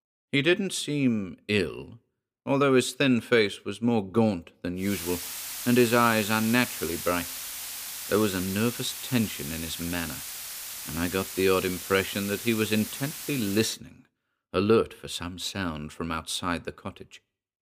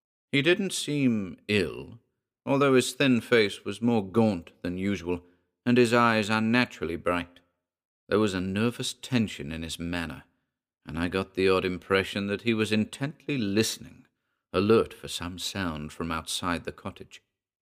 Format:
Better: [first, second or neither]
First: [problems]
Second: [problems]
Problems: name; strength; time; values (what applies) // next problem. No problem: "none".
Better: second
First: hiss; loud; from 5 to 14 s; 8 dB below the speech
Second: none